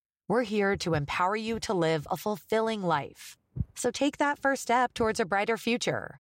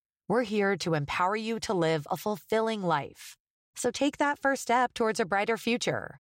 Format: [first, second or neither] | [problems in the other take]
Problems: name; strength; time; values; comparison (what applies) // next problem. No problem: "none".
second | footsteps; noticeable; from 0.5 to 5 s; peak 10 dB below the speech